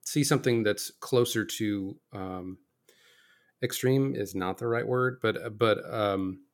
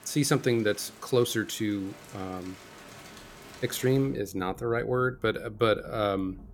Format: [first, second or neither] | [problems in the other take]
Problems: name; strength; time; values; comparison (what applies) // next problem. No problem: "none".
first | rain or running water; faint; throughout; 20 dB below the speech